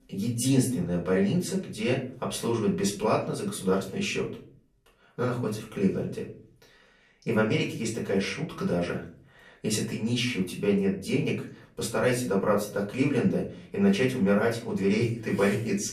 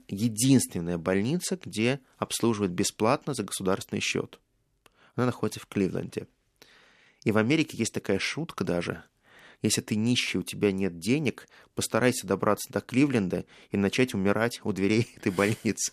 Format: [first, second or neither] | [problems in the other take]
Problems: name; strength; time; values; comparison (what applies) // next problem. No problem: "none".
second | off-mic speech; far // room echo; slight; dies away in 0.4 s